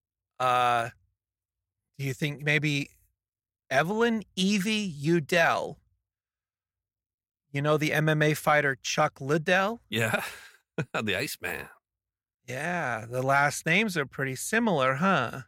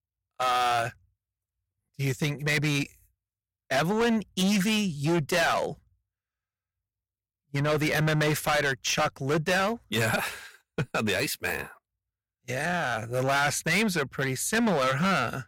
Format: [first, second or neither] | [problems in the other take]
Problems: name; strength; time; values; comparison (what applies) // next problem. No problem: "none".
first | distortion; heavy; 12% of the sound clipped